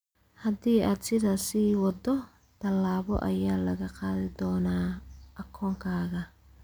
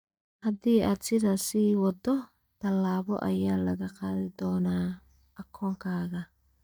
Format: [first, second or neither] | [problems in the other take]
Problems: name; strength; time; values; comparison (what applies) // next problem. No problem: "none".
first | noise reduction (neural mask model DeepFilterNet 3)